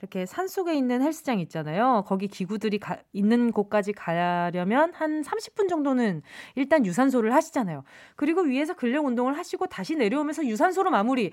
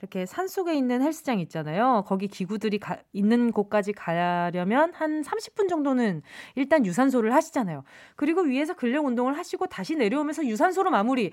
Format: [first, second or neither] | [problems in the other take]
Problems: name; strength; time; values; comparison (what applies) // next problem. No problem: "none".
neither | none